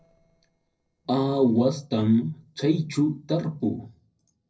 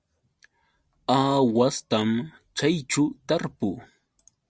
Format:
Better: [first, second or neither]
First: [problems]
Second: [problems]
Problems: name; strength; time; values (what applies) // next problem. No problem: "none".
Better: second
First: noise reduction (neural separator model SepFormer DNS4)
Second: none